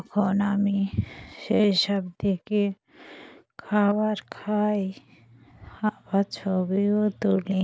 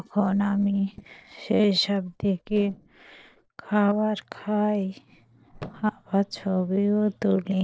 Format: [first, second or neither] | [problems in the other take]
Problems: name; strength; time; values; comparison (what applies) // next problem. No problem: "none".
first | noise reduction (neural separator model SepFormer DNS4)